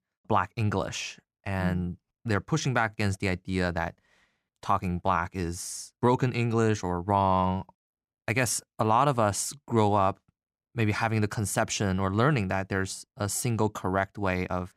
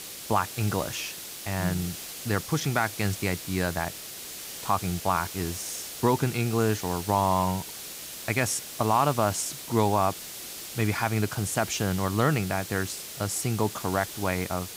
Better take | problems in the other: first | hiss; loud; throughout; 9 dB below the speech

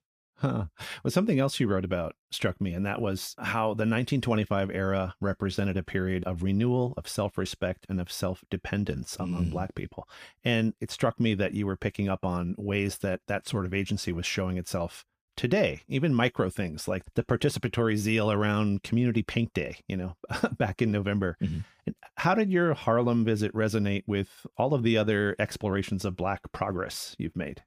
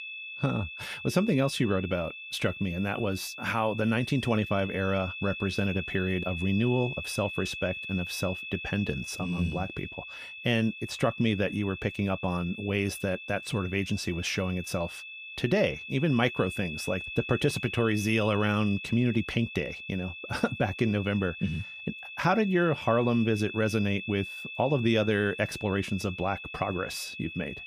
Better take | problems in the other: first | high-pitched whine; loud; throughout; 2.5 kHz, 9 dB below the speech

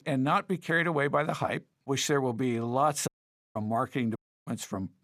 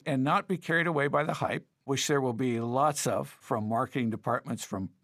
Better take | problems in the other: second | audio cutting out; at 3 s and at 4 s

